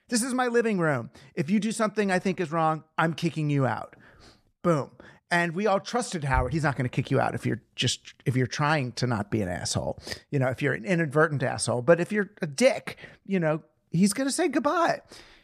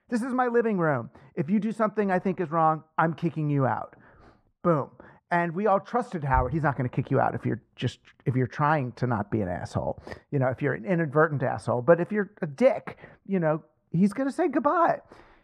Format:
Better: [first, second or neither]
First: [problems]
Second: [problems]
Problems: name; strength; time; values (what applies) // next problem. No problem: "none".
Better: first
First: none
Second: muffled; very; fading above 2.5 kHz